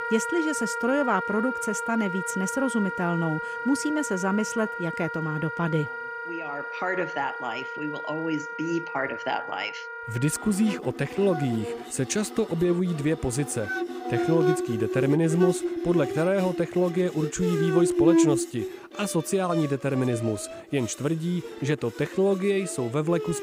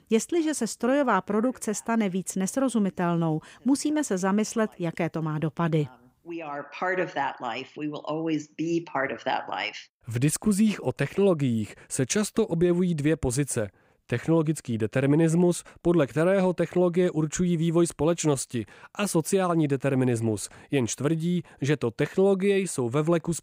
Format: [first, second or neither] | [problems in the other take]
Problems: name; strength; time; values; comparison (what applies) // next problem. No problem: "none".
second | background music; loud; throughout; 4 dB below the speech